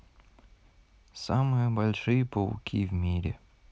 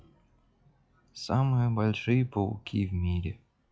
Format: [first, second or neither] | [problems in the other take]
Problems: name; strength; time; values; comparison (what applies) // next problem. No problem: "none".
first | noise reduction (classical method log-MMSE)